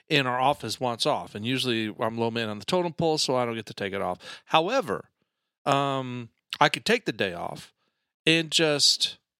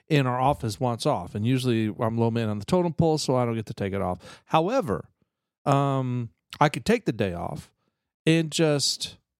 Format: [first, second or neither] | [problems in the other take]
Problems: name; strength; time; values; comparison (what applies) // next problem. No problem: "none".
second | thin; very slightly; fading below 700 Hz